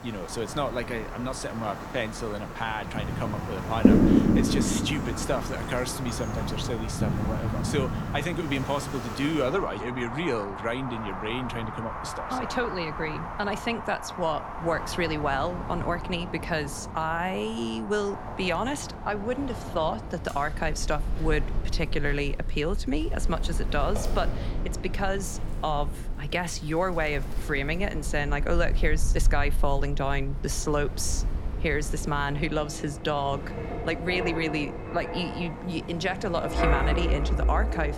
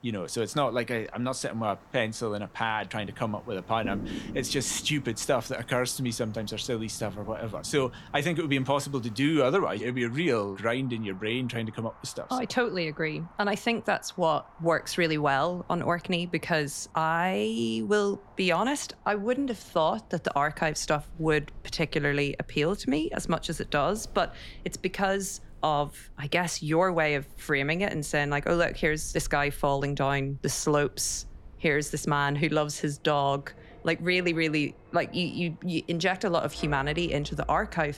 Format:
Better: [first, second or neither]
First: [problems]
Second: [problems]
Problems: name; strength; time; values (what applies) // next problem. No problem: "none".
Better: second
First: wind in the background; loud; throughout; 1 dB below the speech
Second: wind in the background; faint; throughout; 20 dB below the speech